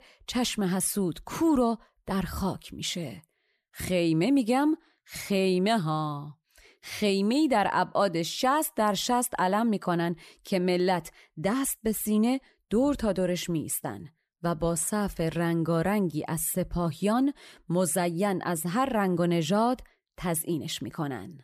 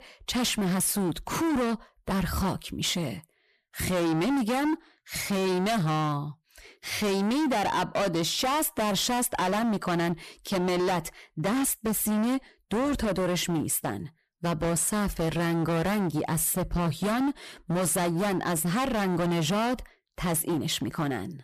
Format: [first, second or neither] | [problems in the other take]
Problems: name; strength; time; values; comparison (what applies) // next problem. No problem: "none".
first | distortion; heavy; 28% of the sound clipped